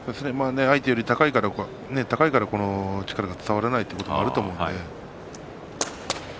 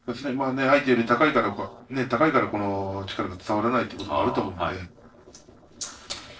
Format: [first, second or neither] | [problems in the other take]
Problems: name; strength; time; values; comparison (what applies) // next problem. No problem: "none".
first | noise reduction (neural separator model SepFormer DNS4)